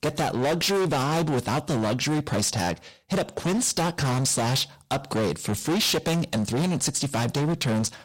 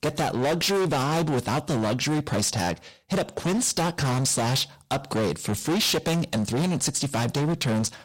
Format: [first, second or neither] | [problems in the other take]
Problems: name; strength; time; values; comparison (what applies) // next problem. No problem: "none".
neither | distortion; heavy; 28% of the sound clipped; the same in both